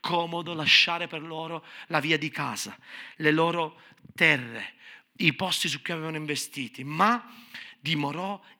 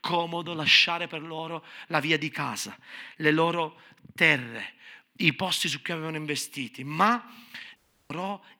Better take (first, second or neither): first